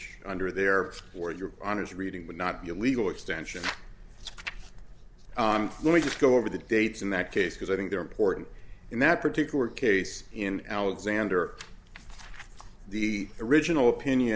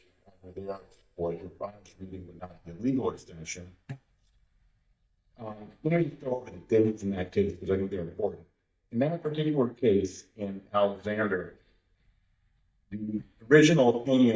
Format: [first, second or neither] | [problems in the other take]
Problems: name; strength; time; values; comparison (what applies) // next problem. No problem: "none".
first | noise reduction (neural mask model DeepFilterNet 3)